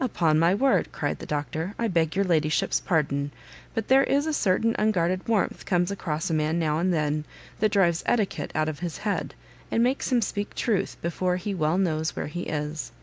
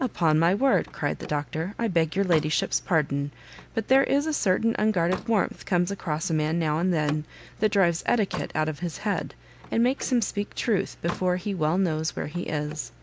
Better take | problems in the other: first | background sound (Slam); 18 dB below the speech

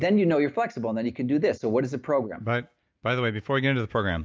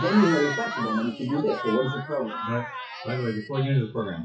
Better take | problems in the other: first | noise reduction (classical method WPE with log-MMSE)

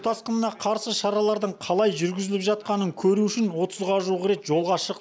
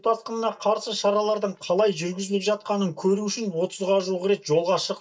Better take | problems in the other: first | noise reduction (neural mask model DeepFilterNet 3)

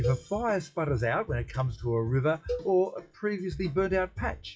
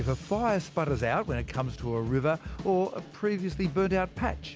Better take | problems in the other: second | noise reduction (classical method WPE with log-MMSE)

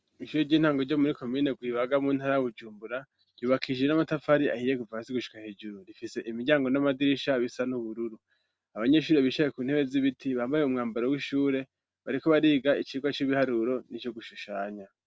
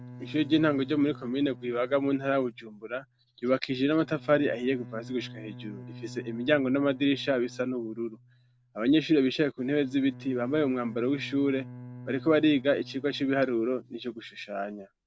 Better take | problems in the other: first | background sound (Bowed string instrument); 18 dB below the speech

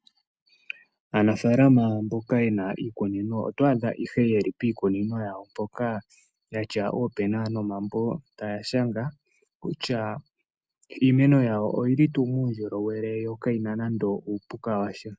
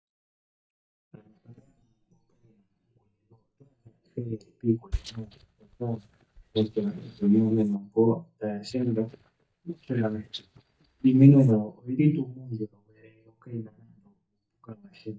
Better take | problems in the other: first | noise reduction (neural mask model DeepFilterNet 3)

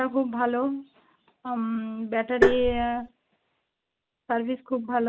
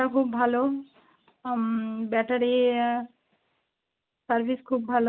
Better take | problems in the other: second | background sound (Tap); 5 dB above the speech

